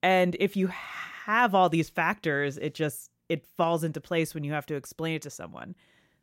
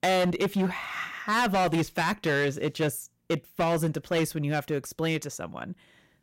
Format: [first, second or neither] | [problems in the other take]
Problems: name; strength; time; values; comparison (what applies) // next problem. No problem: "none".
first | distortion; heavy; 12% of the sound clipped